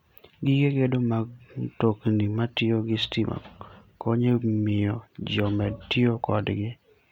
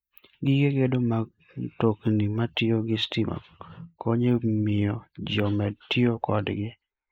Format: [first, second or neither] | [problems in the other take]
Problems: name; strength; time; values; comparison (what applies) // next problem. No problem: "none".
first | noise reduction (neural mask model Resemble Enhance denoiser)